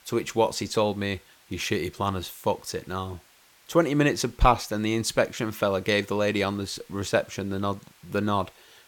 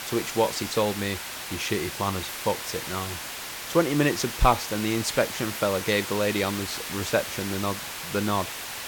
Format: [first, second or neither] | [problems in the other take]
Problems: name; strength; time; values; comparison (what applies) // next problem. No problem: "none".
first | hiss; loud; throughout; 6 dB below the speech; faint in the first